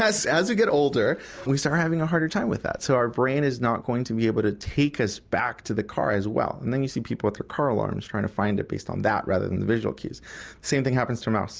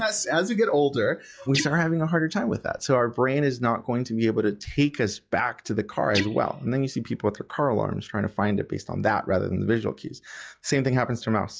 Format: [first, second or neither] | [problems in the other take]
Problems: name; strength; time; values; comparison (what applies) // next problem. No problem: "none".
first | noise reduction (classical method log-MMSE)